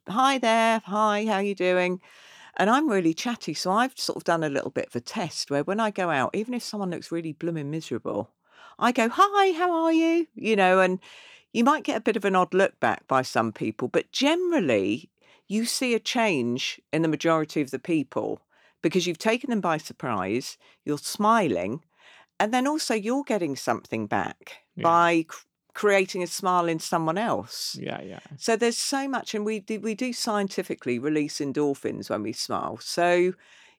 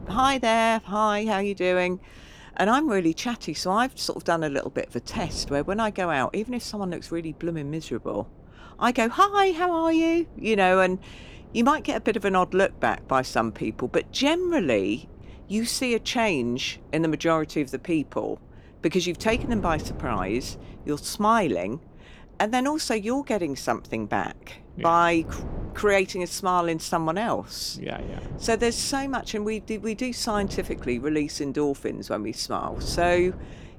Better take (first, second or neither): first